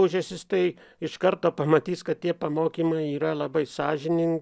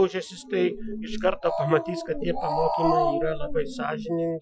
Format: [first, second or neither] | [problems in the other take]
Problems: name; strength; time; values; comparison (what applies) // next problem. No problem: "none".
first | noise reduction (classical method Wiener filter)